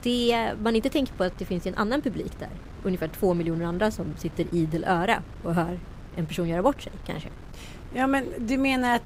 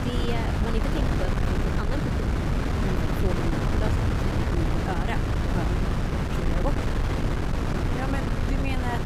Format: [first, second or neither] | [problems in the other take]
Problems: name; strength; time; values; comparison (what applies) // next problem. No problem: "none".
first | wind noise on the microphone; heavy; 4 dB above the speech; occasional gusts in the first